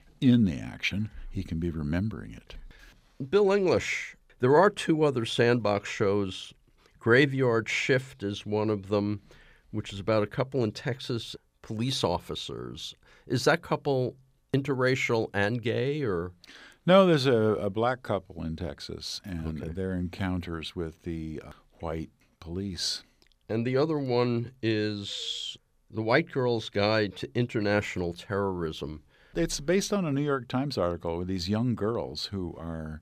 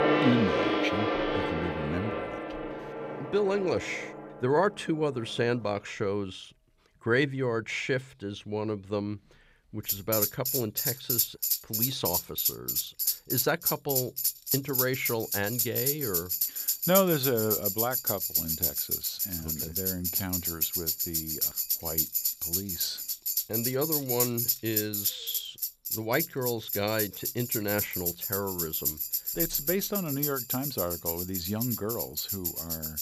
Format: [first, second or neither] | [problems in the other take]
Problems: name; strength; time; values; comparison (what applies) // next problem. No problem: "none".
first | background music; very loud; throughout; 3 dB above the speech